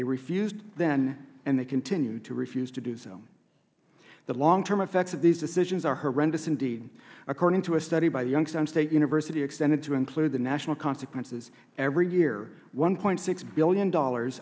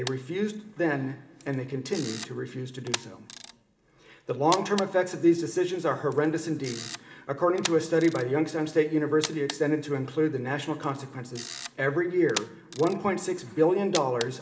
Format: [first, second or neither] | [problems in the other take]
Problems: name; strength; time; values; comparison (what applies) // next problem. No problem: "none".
first | background sound (Camera); 14 dB below the speech // room echo; dies away in 1.6 s